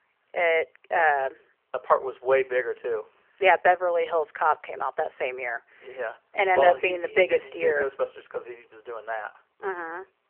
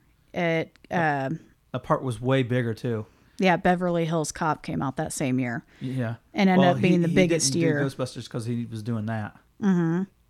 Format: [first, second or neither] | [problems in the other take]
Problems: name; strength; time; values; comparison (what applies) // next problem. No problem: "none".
second | phone-call audio; nothing above 3 kHz